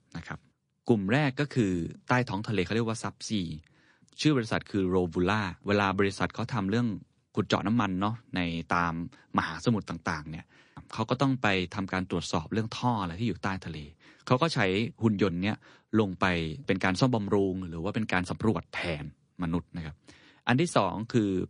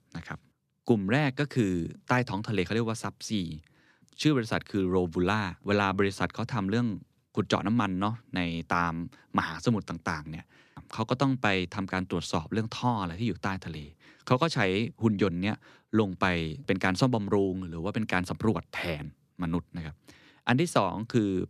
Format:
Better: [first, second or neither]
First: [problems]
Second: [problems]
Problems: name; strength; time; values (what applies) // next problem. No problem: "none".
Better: second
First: garbled, watery; slightly; nothing above 10.5 kHz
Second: none